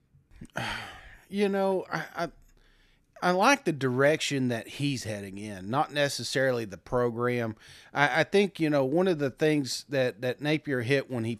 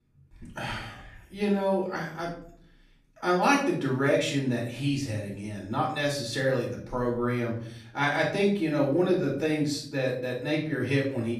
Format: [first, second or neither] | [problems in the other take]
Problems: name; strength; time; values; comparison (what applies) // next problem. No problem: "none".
first | room echo; noticeable; dies away in 0.5 s // off-mic speech; far